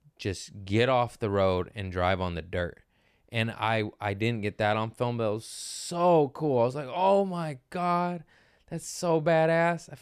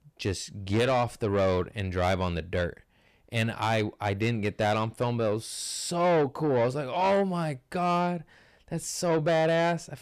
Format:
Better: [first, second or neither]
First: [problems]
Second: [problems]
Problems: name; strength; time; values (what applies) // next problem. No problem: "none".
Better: first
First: none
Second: distortion; slight; 10 dB below the speech